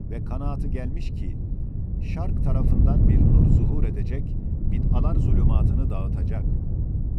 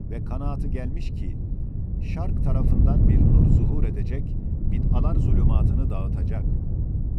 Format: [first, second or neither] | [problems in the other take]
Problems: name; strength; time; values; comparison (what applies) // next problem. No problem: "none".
neither | wind noise on the microphone; heavy; 3 dB above the speech; the same in both